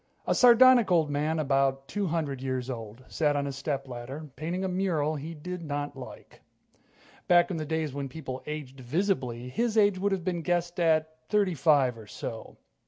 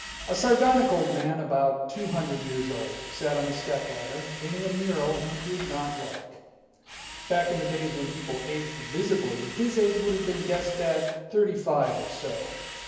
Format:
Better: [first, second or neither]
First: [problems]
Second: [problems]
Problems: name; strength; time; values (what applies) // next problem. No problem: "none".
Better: first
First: none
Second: background sound (Drill); 12 dB below the speech // room echo; dies away in 1 s